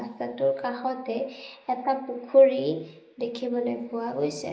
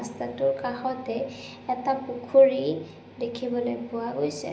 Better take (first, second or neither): second